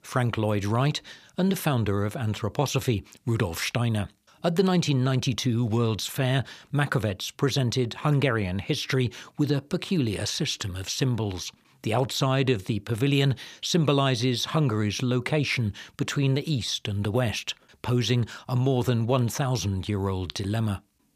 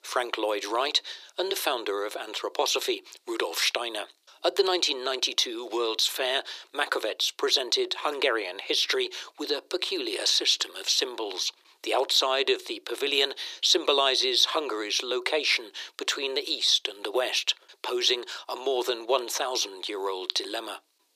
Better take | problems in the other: first | thin; very; fading below 350 Hz

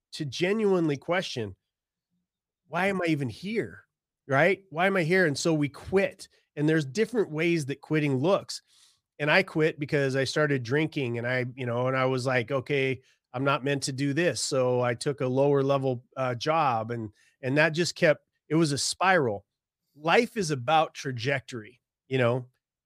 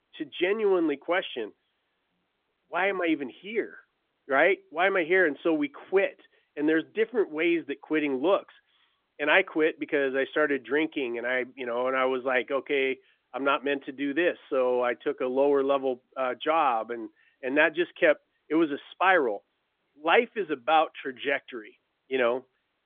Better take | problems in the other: first | phone-call audio; nothing above 3.5 kHz

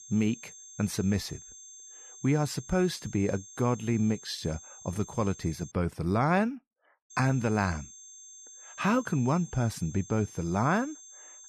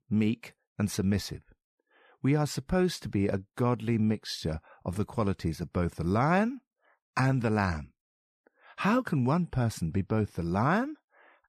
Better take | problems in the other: second | high-pitched whine; noticeable; until 5.5 s and from 7 s on; 6.5 kHz, 15 dB below the speech

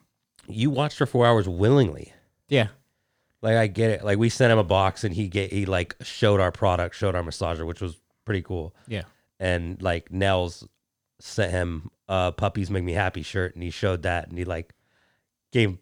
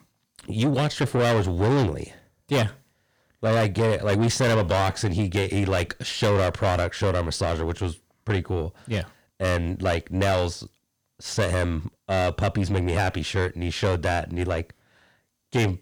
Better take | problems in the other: first | distortion; heavy; 6 dB below the speech

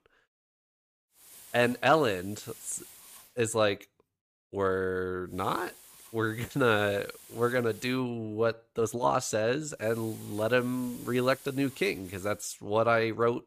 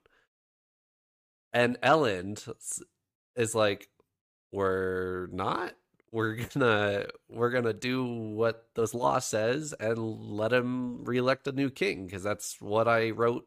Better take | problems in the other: second | hiss; noticeable; from 1 to 3.5 s, from 5.5 to 8 s and from 10 to 12 s; 20 dB below the speech

